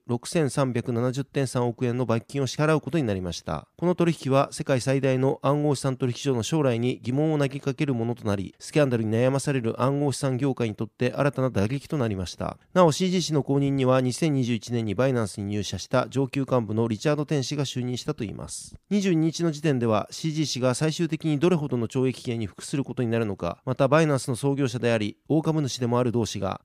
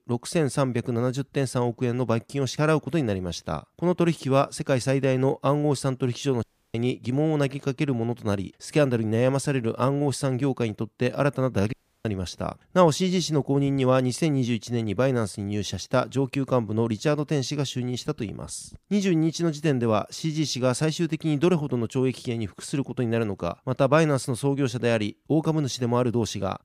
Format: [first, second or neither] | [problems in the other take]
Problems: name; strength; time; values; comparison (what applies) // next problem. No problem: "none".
first | audio cutting out; at 6.5 s and at 12 s